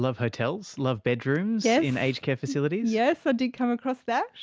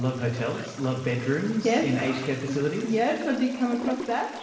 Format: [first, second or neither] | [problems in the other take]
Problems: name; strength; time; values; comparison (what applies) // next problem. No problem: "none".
first | background sound (Toilet flush); 15 dB below the speech // room echo; dies away in 1.2 s